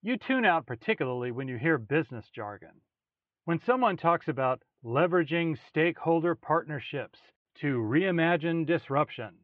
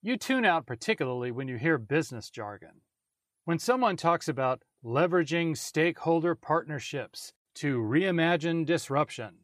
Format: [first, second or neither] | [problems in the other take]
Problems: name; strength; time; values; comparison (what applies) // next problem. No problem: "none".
second | muffled; very; fading above 3 kHz